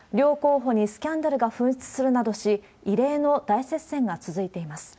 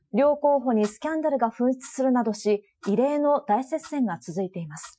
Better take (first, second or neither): first